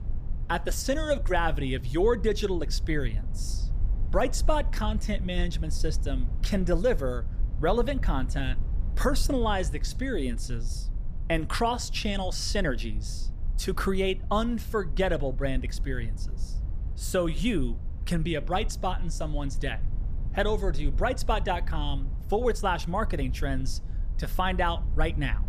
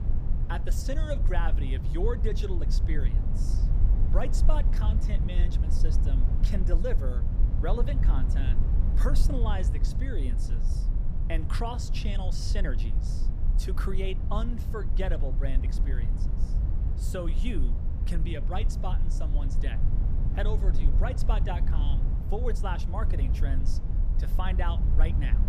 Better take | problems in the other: first | low rumble; loud; throughout; 7 dB below the speech; faint in the first

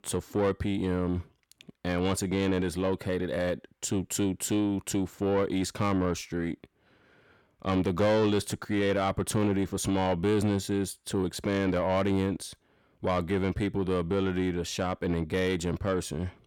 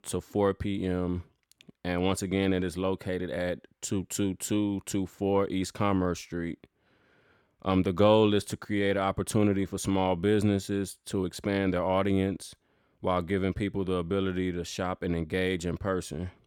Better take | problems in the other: second | distortion; slight; 10 dB below the speech

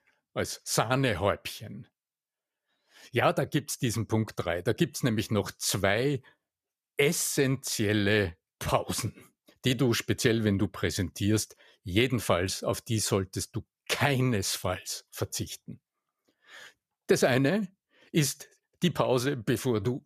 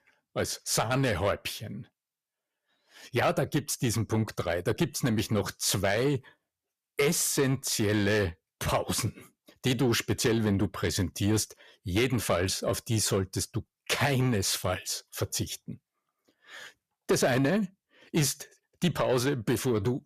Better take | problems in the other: first | distortion; slight; 10 dB below the speech

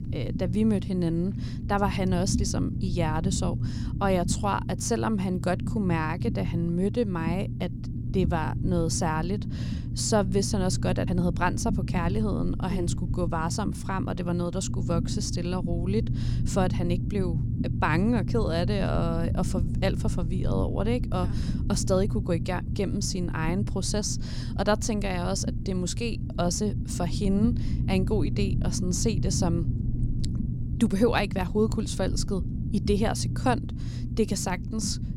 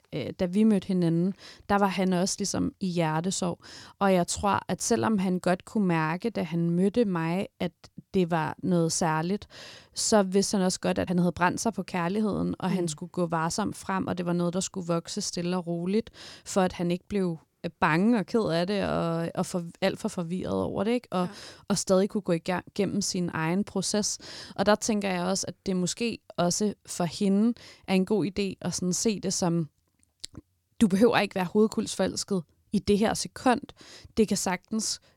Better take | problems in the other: second | low rumble; noticeable; throughout; 10 dB below the speech

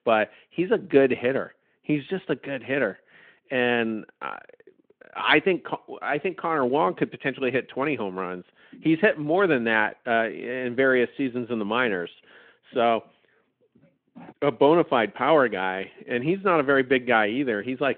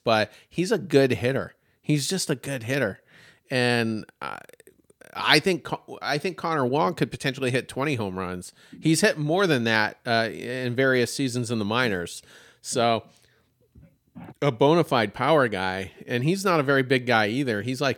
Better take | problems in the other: second | phone-call audio

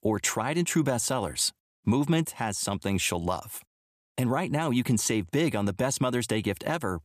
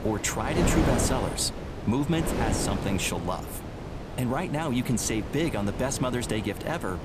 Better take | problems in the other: first | wind noise on the microphone; heavy; 5 dB below the speech

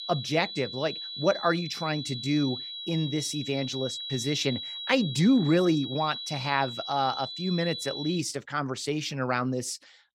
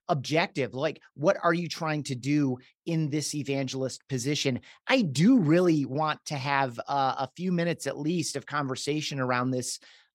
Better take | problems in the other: second | high-pitched whine; loud; until 8 s; 4 kHz, 7 dB below the speech

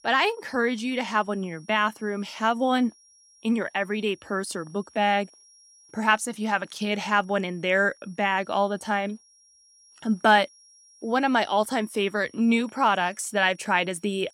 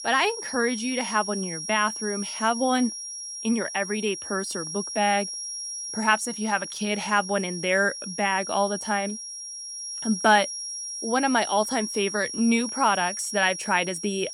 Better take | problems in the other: first | high-pitched whine; loud; throughout; 5.5 kHz, 7 dB below the speech; faint in the first

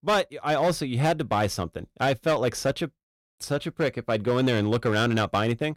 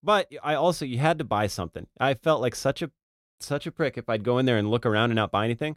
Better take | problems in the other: second | distortion; slight; 7% of the sound clipped

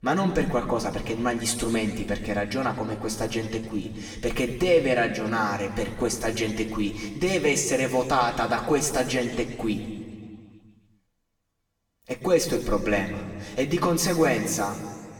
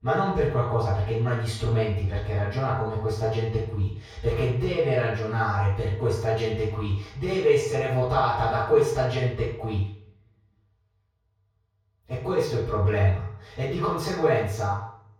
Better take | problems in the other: first | room echo; strong; dies away in 0.7 s; slight in the first // off-mic speech; far; far in the first

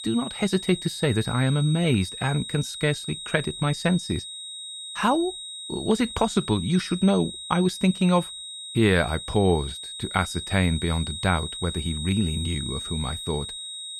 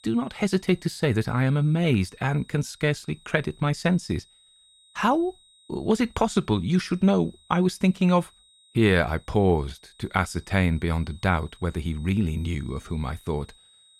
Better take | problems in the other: second | high-pitched whine; loud; throughout; 4 kHz, 9 dB below the speech; faint in the second

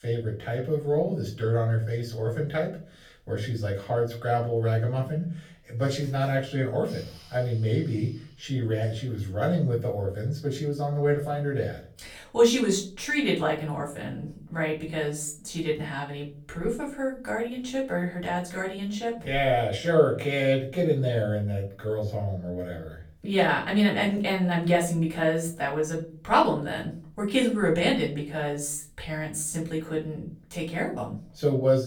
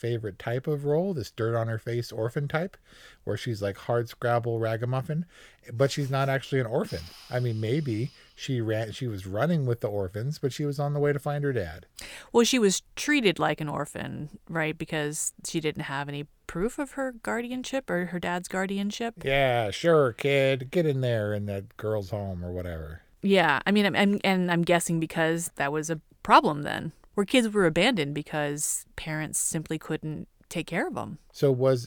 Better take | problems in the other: second | room echo; slight; dies away in 0.3 s // off-mic speech; far

